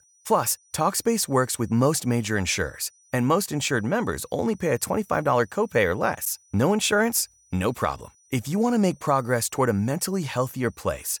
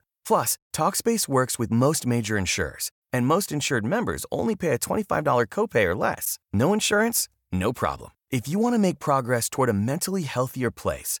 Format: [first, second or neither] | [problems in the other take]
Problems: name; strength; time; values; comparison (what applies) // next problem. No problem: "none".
second | high-pitched whine; faint; throughout; 6 kHz, 30 dB below the speech